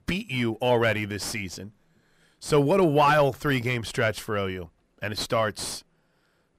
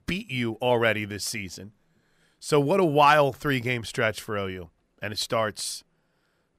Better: second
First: distortion; slight; 10 dB below the speech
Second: none

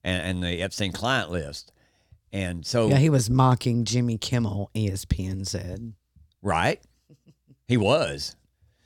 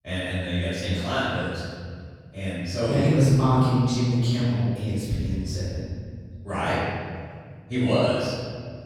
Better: first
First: none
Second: off-mic speech; far // room echo; strong; dies away in 1.9 s

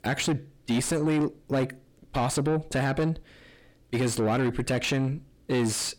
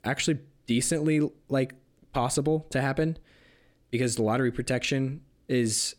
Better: second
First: distortion; slight; 10 dB below the speech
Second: none

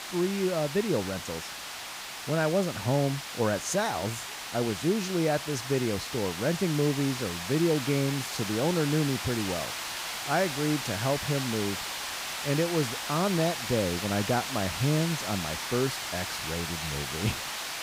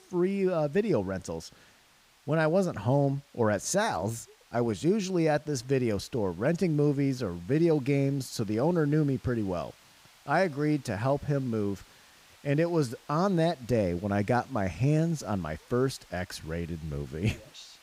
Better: second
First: hiss; loud; throughout; 4 dB below the speech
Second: hiss; faint; throughout; 30 dB below the speech

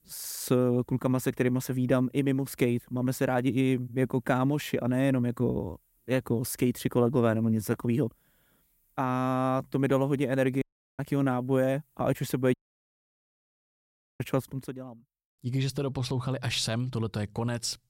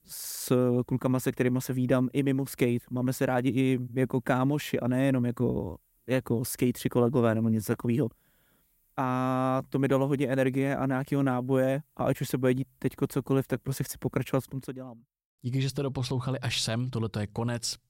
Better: second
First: audio cutting out; at 11 s and at 13 s for 1.5 s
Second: none

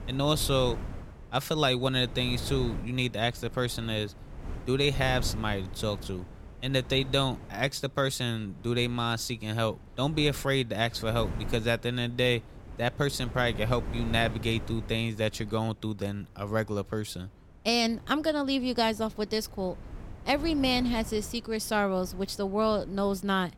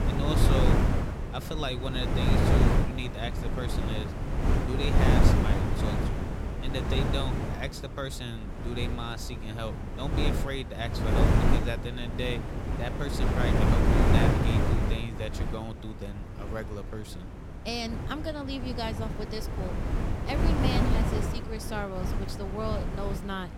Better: first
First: wind noise on the microphone; occasional gusts; 20 dB below the speech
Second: wind noise on the microphone; heavy; 2 dB above the speech

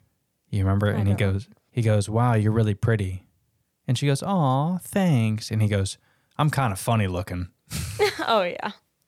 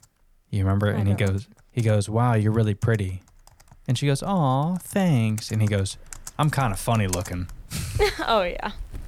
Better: first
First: none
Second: household noises; noticeable; throughout; 15 dB below the speech

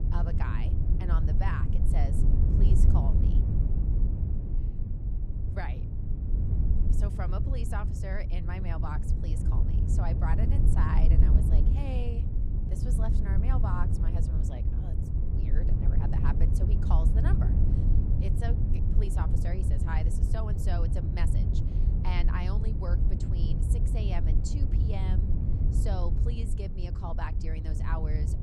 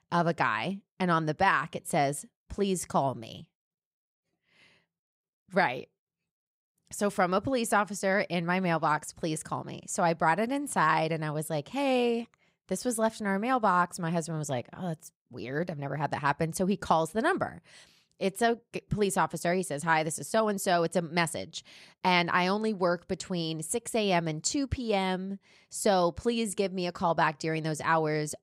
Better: second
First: wind noise on the microphone; heavy; 2 dB below the speech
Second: none

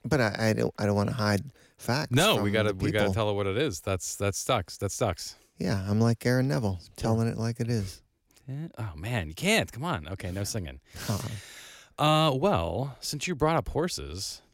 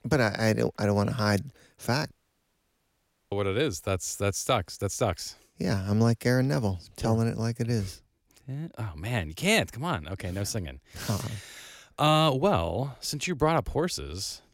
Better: first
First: none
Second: audio cutting out; at 2 s for 1 s

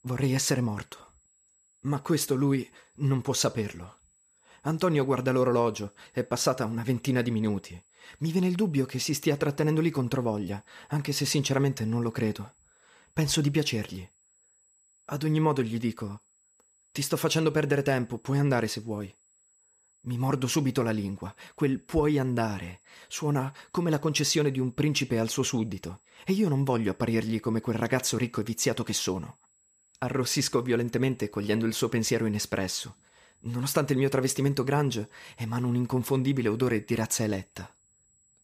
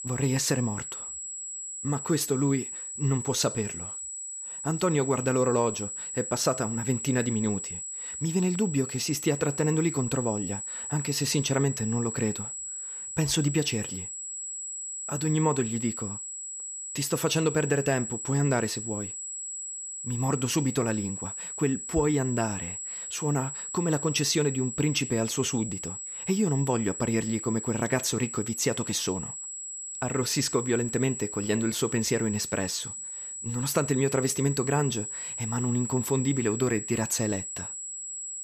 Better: first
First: high-pitched whine; faint; throughout; 8 kHz, 35 dB below the speech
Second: high-pitched whine; loud; throughout; 8 kHz, 6 dB below the speech

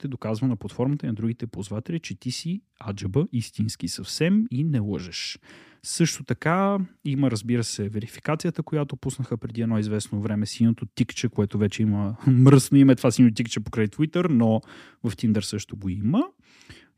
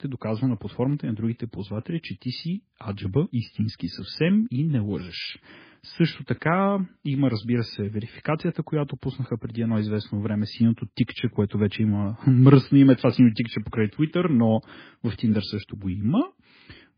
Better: first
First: none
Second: garbled, watery; badly; nothing above 5 kHz

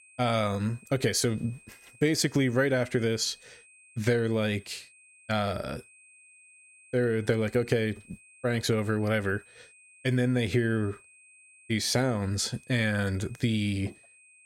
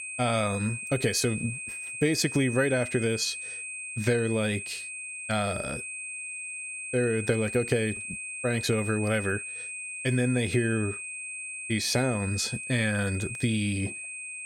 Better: first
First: high-pitched whine; faint; throughout; 2.5 kHz, 25 dB below the speech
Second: high-pitched whine; loud; throughout; 2.5 kHz, 7 dB below the speech

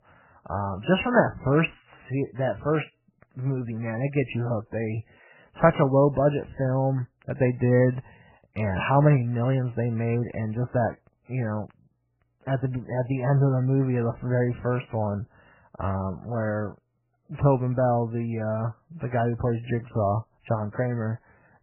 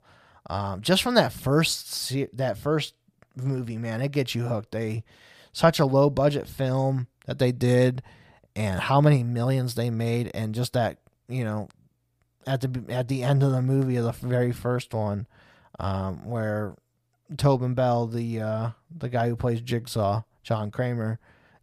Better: second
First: garbled, watery; badly; nothing above 3 kHz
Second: none

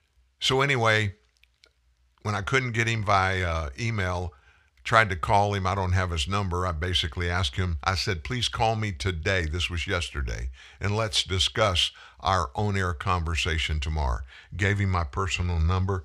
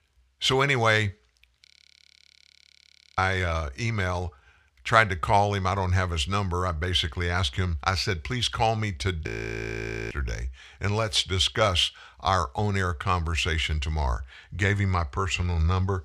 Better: first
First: none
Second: audio freezing; at 1.5 s for 1.5 s and at 9.5 s for 1 s

